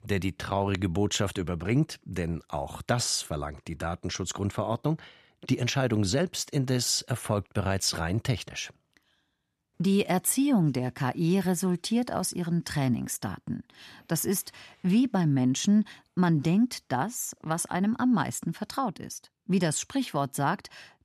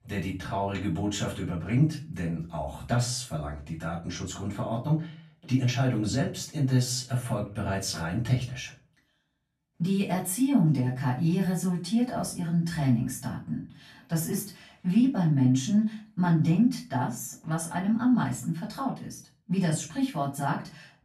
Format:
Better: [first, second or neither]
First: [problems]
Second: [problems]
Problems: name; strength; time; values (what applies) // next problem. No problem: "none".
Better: first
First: none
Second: room echo; slight; dies away in 0.3 s // off-mic speech; far